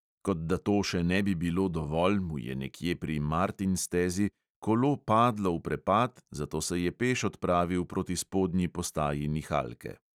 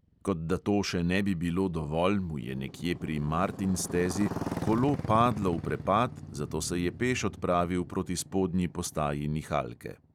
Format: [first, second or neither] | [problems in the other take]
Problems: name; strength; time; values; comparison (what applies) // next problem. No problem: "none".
first | background sound (Motorcycle); 11 dB below the speech